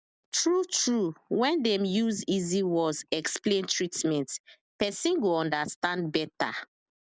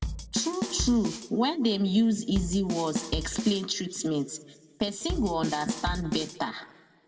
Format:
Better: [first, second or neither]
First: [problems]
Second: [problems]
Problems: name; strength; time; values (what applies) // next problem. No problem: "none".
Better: first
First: none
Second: background sound (Bass drum / Snare drum / Drum kit); 6 dB below the speech // room echo; dies away in 1.1 s